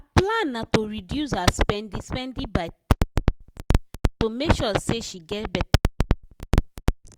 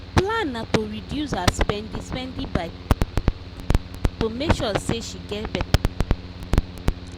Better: first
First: none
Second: background sound (Mechanical fan); 13 dB below the speech

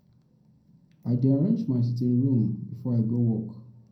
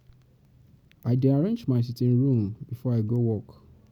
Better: second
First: room echo; dies away in 0.5 s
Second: none

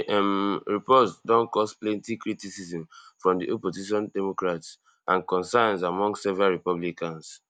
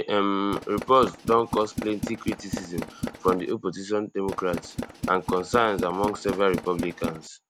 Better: first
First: none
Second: background sound (Tools); 7 dB below the speech

